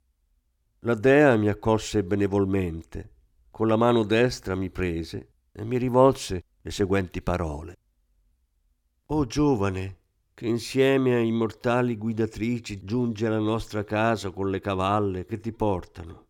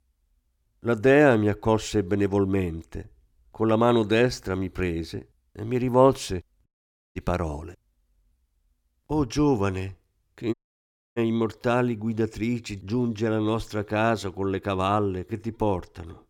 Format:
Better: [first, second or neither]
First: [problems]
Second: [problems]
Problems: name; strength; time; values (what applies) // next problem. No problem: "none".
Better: first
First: none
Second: audio cutting out; at 6.5 s and at 11 s for 0.5 s